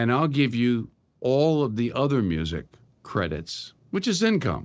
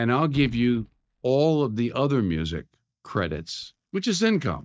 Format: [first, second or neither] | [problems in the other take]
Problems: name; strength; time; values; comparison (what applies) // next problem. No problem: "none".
first | noise reduction (neural mask model DeepFilterNet 3)